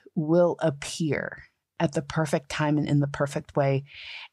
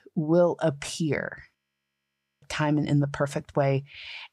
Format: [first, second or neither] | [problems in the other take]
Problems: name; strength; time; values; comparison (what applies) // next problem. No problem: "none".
first | audio freezing; at 1.5 s for 1 s